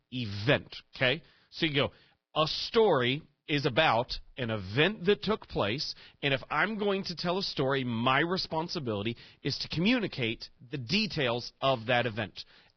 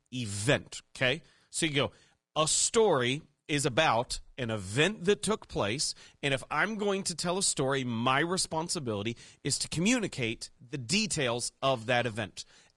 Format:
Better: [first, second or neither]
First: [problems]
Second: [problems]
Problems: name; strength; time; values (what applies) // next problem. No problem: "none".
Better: second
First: garbled, watery; badly; nothing above 5.5 kHz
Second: garbled, watery; slightly; nothing above 10 kHz